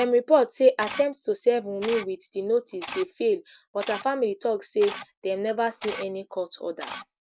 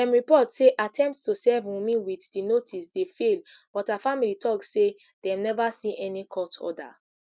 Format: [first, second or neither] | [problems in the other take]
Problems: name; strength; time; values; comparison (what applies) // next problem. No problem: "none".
second | background sound (Camera); 16 dB below the speech